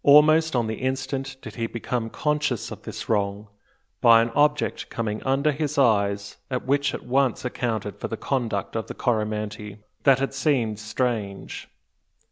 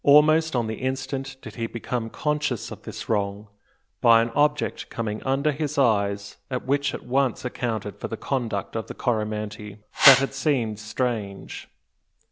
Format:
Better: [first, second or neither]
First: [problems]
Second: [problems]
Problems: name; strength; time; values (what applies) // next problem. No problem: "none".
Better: first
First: none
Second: background sound (Whoosh, swoosh, swish); 1 dB above the speech